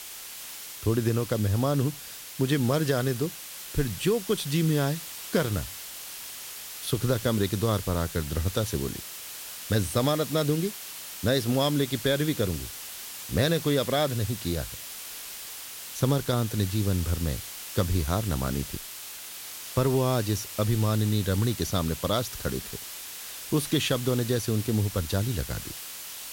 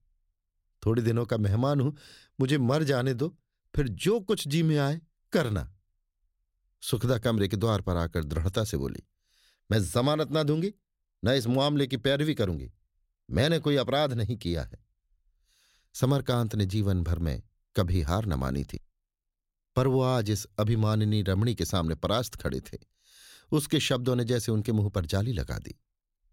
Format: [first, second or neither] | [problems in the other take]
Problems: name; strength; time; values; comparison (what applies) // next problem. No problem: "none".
second | hiss; loud; throughout; 9 dB below the speech